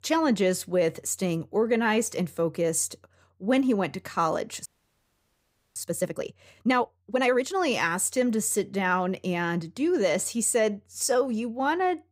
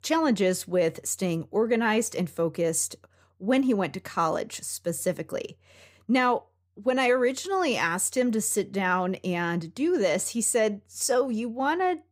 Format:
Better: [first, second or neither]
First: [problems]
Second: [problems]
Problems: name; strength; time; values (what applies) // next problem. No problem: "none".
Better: second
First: audio freezing; at 4.5 s for 1 s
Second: none